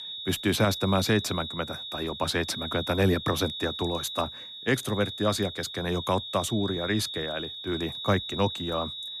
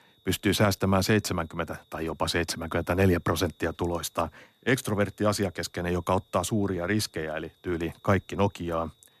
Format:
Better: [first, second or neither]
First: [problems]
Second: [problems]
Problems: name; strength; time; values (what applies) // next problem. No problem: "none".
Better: second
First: high-pitched whine; loud; throughout; 3.5 kHz, 6 dB below the speech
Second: high-pitched whine; faint; throughout; 3.5 kHz, 35 dB below the speech